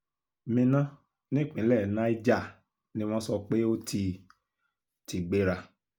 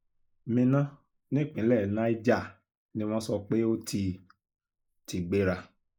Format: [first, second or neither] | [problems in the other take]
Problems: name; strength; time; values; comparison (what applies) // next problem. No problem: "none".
first | noise reduction (neural mask model Resemble Enhance denoiser)